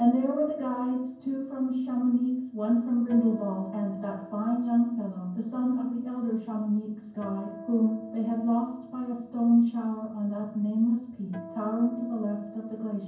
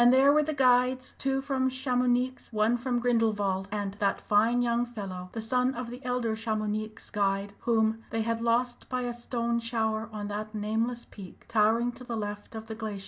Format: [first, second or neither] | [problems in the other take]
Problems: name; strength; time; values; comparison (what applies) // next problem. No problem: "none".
second | background sound (Acoustic guitar); 19 dB below the speech // room echo; dies away in 0.9 s